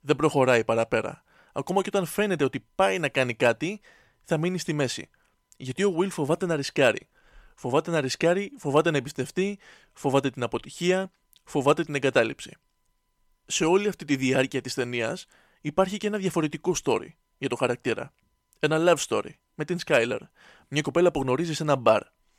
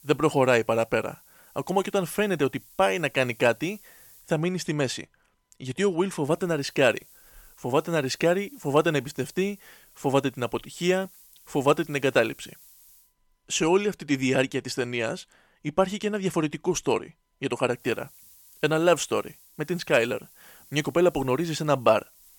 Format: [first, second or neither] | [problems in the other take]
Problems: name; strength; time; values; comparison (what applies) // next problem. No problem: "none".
first | hiss; faint; until 4.5 s, from 6.5 to 13 s and from 18 s on; 25 dB below the speech